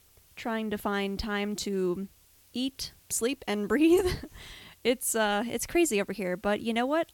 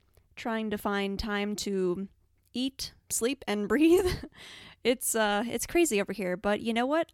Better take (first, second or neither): second